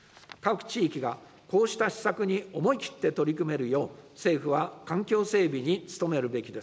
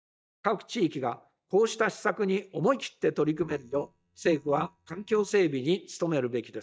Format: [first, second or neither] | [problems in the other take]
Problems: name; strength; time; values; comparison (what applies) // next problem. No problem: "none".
first | noise reduction (neural mask model DeepFilterNet 3)